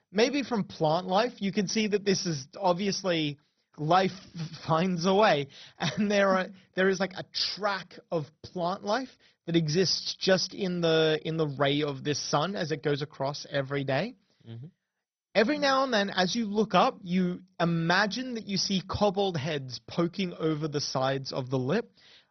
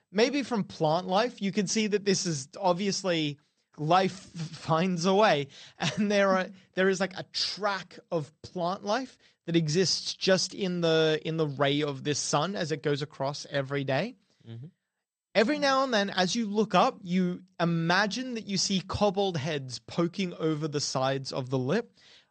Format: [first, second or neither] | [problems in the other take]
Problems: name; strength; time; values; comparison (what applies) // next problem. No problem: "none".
second | garbled, watery; badly; nothing above 6 kHz; slightly in the second